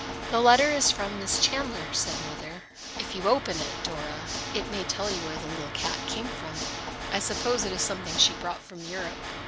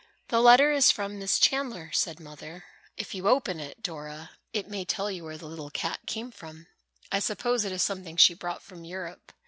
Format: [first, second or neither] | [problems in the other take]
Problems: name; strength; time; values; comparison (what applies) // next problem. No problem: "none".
second | background sound (Water / Mechanisms); 6 dB below the speech